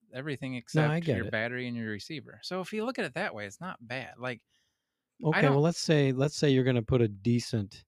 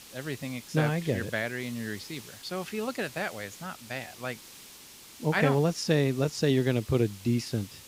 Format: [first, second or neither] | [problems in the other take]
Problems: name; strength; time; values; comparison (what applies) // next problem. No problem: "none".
first | hiss; noticeable; throughout; 15 dB below the speech